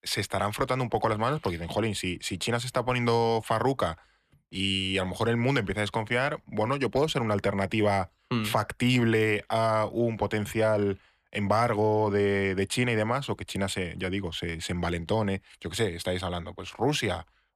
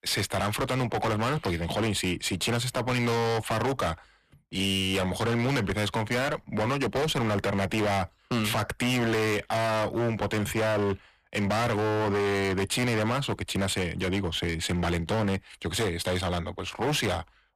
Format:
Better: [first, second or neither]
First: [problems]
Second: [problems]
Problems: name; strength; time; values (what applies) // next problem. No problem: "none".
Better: first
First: none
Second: distortion; heavy; 28% of the sound clipped